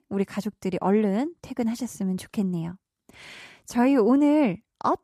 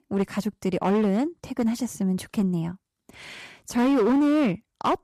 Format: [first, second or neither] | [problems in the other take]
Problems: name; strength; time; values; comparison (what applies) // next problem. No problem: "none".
first | distortion; slight; 10% of the sound clipped